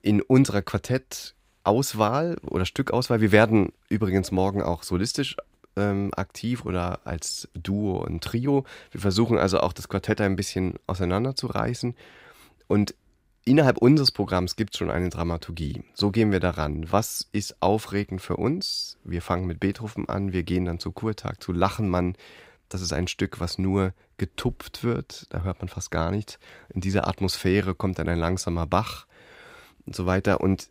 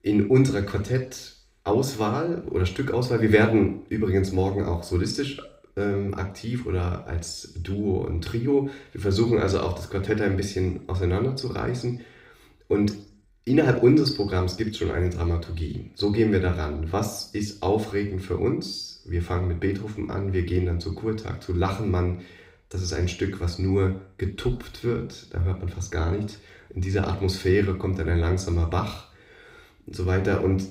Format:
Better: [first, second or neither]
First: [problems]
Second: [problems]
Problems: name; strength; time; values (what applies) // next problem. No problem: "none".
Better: first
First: none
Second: room echo; slight; dies away in 0.5 s // off-mic speech; somewhat distant